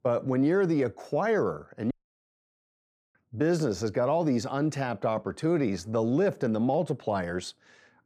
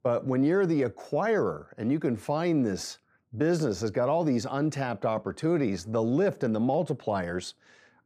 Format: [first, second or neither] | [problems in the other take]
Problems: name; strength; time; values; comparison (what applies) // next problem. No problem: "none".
second | audio cutting out; at 2 s for 1 s